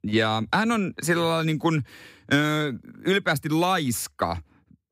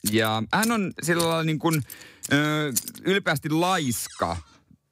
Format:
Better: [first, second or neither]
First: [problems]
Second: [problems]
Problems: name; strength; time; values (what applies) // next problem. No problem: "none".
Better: first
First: none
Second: household noises; loud; throughout; 9 dB below the speech